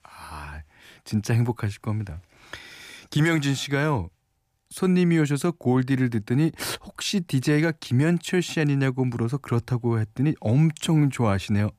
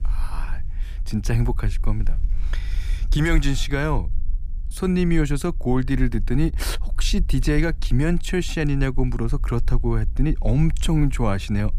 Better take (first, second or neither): first